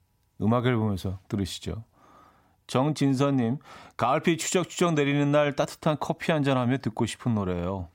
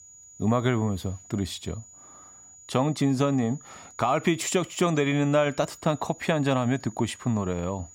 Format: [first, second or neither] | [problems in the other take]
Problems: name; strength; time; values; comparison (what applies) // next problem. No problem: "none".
first | high-pitched whine; faint; throughout; 7 kHz, 20 dB below the speech